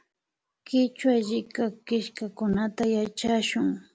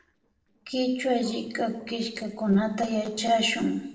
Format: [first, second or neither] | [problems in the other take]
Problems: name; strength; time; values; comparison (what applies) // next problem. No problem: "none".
first | noise reduction (neural separator model SepFormer DNS4)